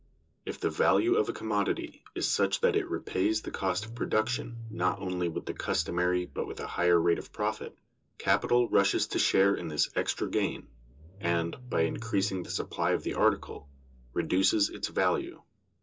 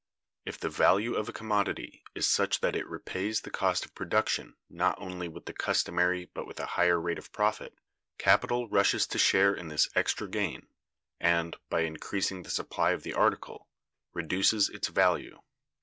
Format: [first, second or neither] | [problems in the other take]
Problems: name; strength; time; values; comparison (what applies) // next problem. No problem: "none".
second | background sound (Engine starting / Car); 18 dB below the speech // room echo; dies away in 0.2 s